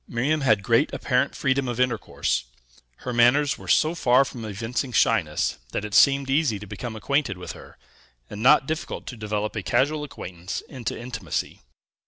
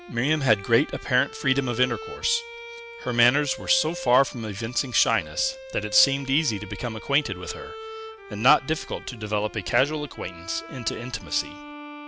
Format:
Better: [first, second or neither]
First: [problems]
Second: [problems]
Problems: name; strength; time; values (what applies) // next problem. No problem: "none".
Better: first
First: none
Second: background sound (Bowed string instrument); 14 dB below the speech